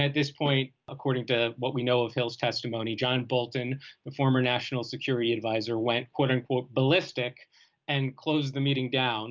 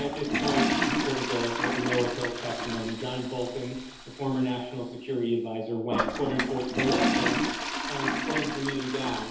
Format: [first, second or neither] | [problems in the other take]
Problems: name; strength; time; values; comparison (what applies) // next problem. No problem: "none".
first | background sound (Toilet flush); as loud as the speech // room echo; dies away in 2.2 s